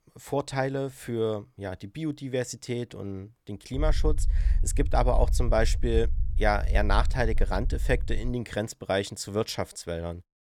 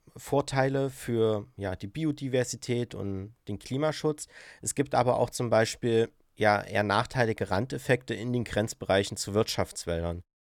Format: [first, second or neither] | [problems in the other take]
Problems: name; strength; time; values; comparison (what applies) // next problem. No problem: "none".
second | low rumble; faint; from 4 to 8.5 s; 20 dB below the speech